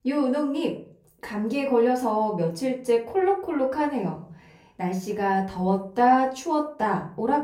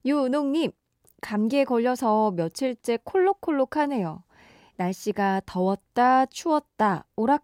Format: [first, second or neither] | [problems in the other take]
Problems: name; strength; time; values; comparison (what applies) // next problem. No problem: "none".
second | room echo; slight; dies away in 0.4 s // off-mic speech; far